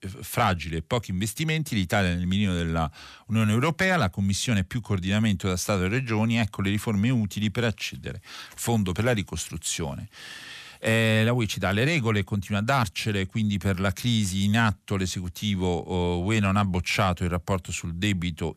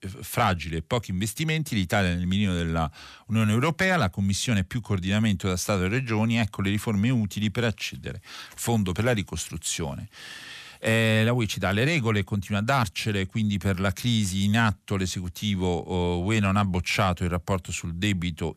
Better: neither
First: none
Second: none

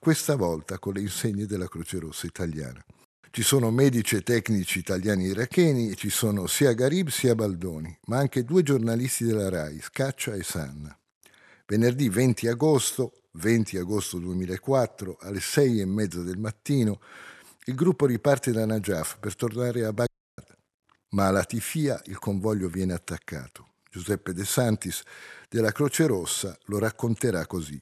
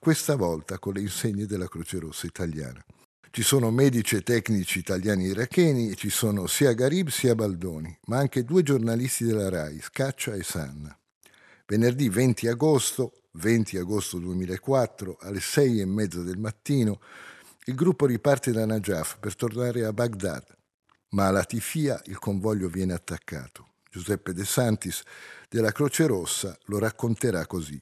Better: second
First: audio cutting out; at 20 s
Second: none

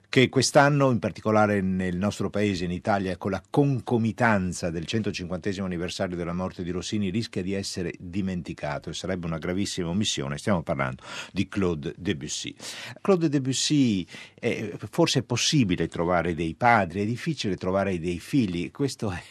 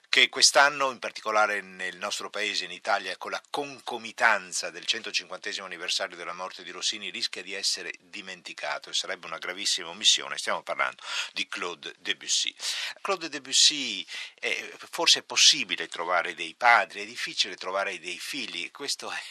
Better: first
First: none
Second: thin; very; fading below 900 Hz

